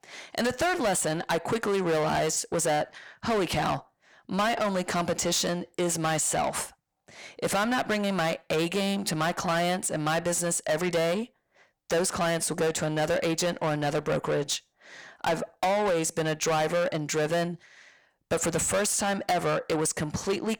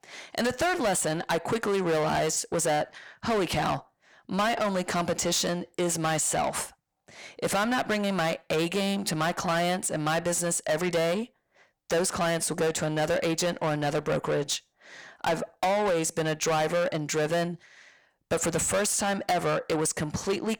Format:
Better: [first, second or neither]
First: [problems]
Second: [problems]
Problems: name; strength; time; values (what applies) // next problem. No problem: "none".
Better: neither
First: distortion; heavy; 6 dB below the speech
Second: distortion; heavy; 6 dB below the speech